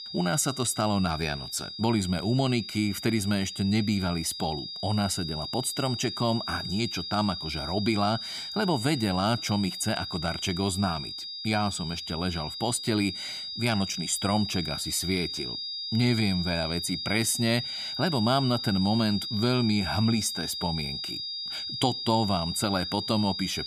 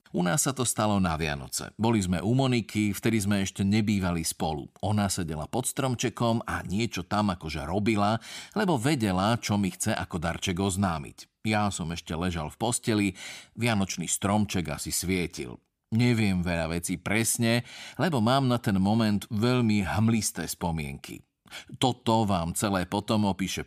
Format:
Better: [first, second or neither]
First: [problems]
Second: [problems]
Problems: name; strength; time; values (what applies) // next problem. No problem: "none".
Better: second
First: high-pitched whine; loud; throughout; 5 kHz, 5 dB below the speech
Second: none